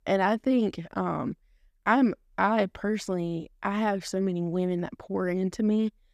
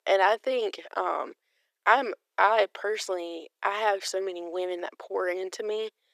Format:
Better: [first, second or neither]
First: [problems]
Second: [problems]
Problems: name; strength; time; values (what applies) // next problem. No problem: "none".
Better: first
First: none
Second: thin; very; fading below 400 Hz